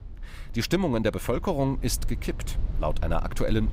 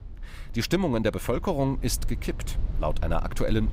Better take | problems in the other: neither | low rumble; faint; throughout; 20 dB below the speech; the same in both

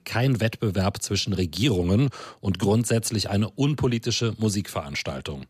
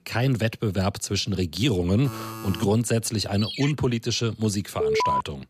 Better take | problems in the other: first | alarm; noticeable; at 2 s; peak 10 dB below the speech // phone ringing; noticeable; at 3.5 s; peak 7 dB below the speech // alarm; loud; at 5 s; peak 2 dB above the speech

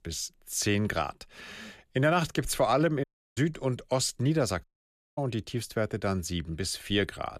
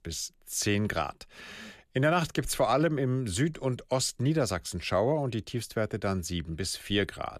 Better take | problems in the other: second | audio cutting out; at 3 s and at 4.5 s for 0.5 s

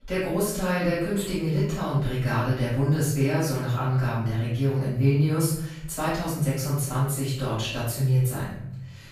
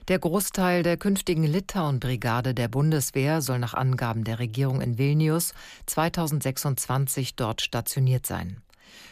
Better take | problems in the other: second | off-mic speech; far // room echo; noticeable; dies away in 0.7 s

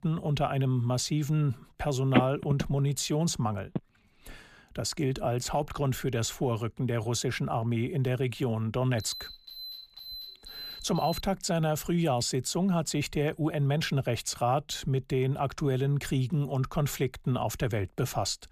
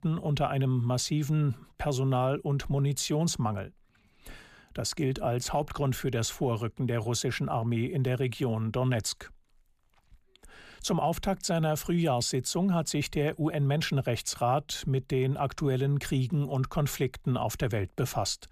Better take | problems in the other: second | phone ringing; loud; from 2 to 4 s; peak 1 dB above the speech // alarm; faint; from 9 to 11 s; peak 10 dB below the speech

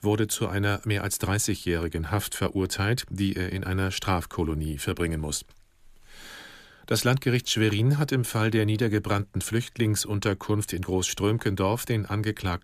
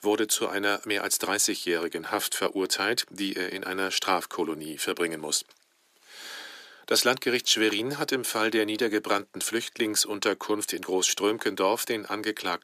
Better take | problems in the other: first | thin; somewhat; fading below 350 Hz

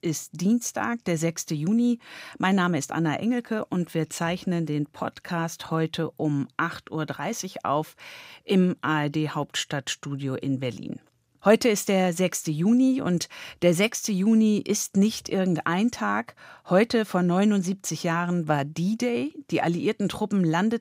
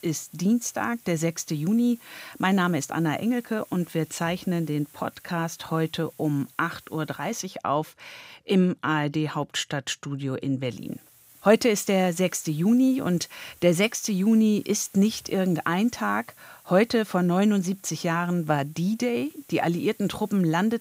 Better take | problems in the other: first | hiss; faint; until 7.5 s and from 11 s on; 25 dB below the speech

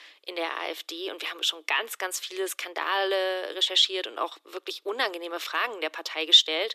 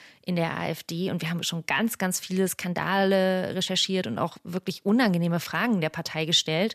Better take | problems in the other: second | thin; very; fading below 300 Hz

